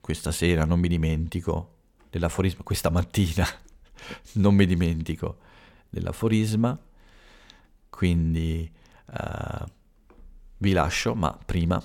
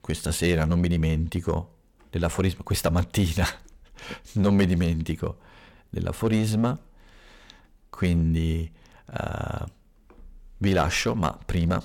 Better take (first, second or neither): first